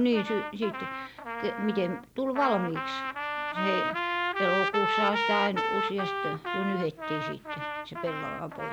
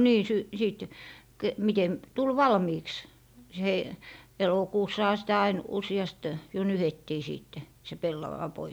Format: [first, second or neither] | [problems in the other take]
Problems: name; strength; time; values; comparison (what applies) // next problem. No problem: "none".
second | background sound (Trumpet); 1 dB below the speech